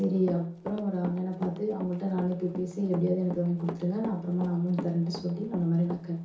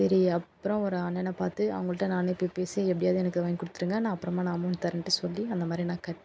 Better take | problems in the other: second | background sound (Run); 13 dB below the speech // room echo; dies away in 0.7 s

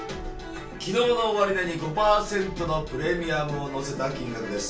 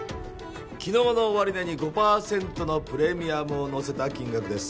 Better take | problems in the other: second | room echo; dies away in 0.3 s

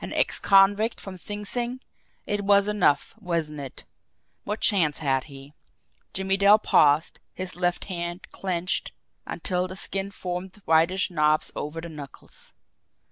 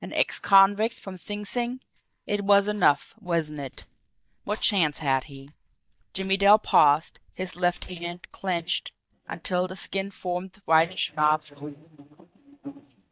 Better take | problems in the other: first | noise reduction (neural mask model DeepFilterNet 3)

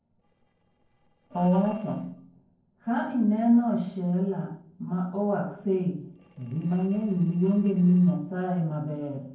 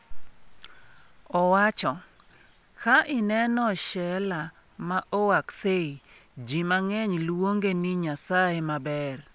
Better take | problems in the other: second | noise reduction (neural separator model SepFormer DNS4)

